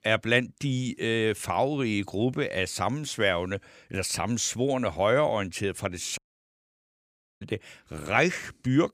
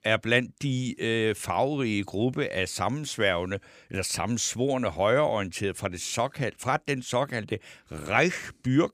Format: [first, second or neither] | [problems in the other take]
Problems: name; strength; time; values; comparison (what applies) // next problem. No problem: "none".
second | audio cutting out; at 6 s for 1 s